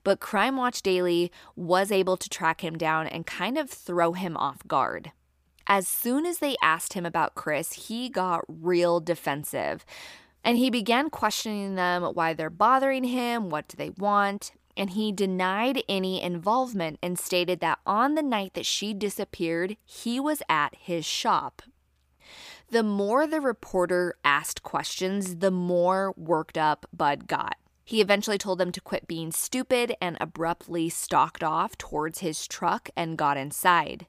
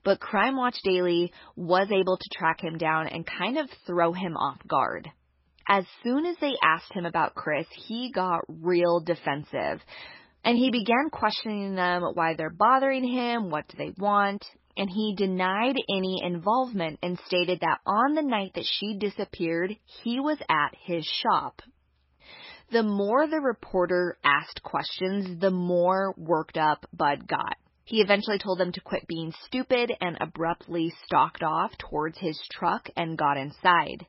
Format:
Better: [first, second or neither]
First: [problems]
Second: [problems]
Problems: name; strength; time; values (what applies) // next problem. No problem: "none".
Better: first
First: none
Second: garbled, watery; badly; nothing above 5.5 kHz